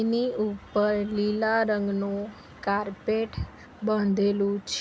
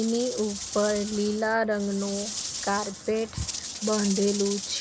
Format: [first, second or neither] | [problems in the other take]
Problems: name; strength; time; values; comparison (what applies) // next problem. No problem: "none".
first | background sound (Rattle / Rattle (instrument)); 8 dB below the speech